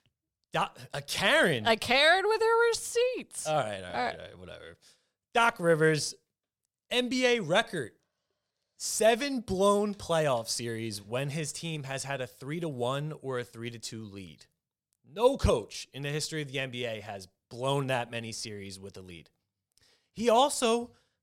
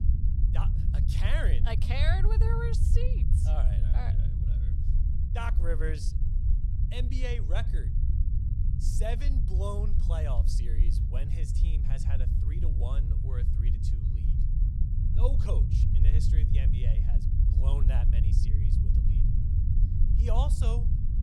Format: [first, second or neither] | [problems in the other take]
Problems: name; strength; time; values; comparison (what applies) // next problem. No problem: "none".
first | low rumble; loud; throughout; 5 dB below the speech